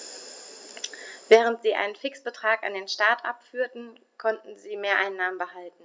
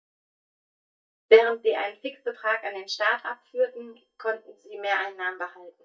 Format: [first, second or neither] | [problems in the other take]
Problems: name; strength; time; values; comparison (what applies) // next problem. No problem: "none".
first | noise reduction (neural mask model DeepFilterNet 3)